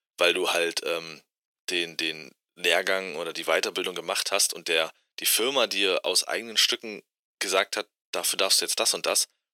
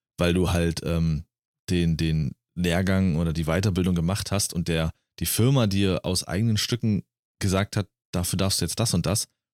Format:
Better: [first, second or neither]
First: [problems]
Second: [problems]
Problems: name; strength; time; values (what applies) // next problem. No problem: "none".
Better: second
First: thin; very; fading below 400 Hz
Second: none